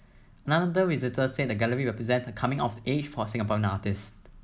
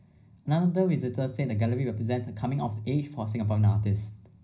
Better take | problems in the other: first | room echo; dies away in 0.4 s

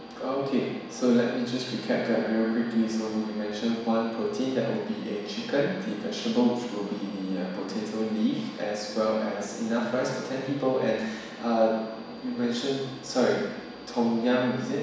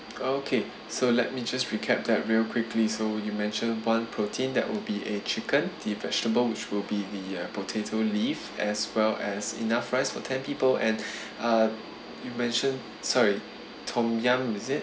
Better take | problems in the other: second | room echo; dies away in 1.1 s

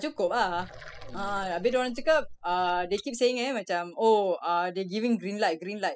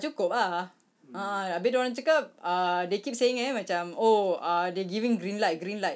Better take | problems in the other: second | noise reduction (classical method spectral subtraction)

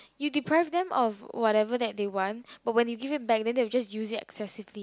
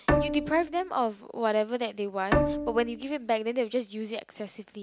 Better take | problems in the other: first | background sound (Bowed string instrument); 1 dB below the speech

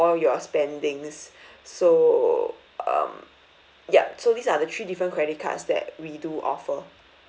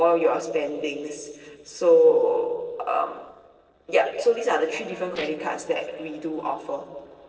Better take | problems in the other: first | noise reduction (neural separator model SepFormer DNS4)

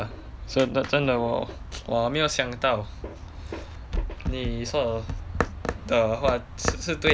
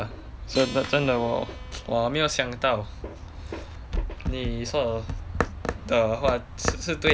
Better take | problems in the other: first | background sound (Acoustic guitar); 20 dB below the speech

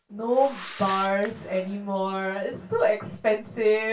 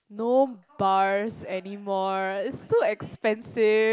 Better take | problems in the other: second | background sound (Whoosh, swoosh, swish); 19 dB below the speech // room echo; dies away in 0.2 s

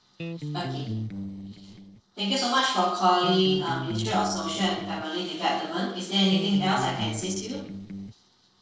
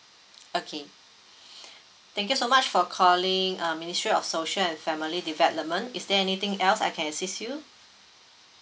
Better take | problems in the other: second | noise reduction (neural separator model SepFormer DNS4)

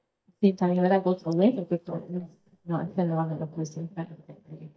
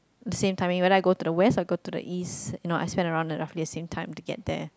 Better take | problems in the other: second | noise reduction (neural mask model DeepFilterNet 3)

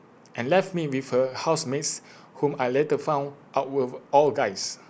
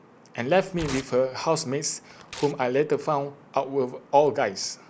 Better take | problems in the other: first | background sound (Tearing); 19 dB below the speech

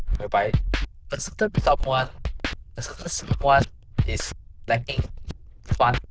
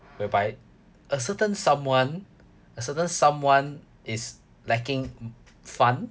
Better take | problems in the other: second | noise reduction (neural diffusion model UNIVERSE++)

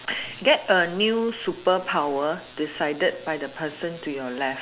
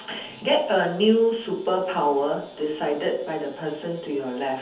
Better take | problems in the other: first | room echo; dies away in 0.7 s

